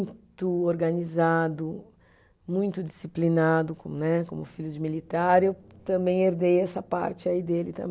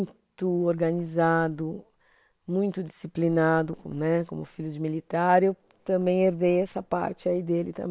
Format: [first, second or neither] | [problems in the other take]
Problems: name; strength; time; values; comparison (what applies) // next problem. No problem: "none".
first | noise reduction (neural separator model SepFormer WHAM!)